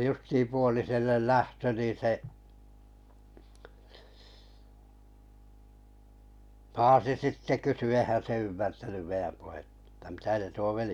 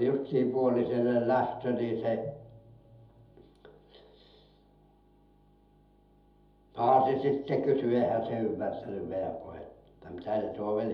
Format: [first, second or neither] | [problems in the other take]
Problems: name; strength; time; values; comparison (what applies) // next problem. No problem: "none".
first | room echo; dies away in 0.8 s